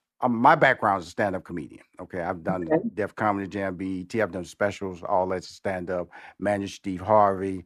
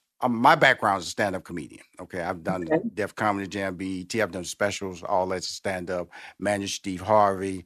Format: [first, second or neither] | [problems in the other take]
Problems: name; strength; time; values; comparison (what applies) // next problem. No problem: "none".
second | muffled; slightly; fading above 2.5 kHz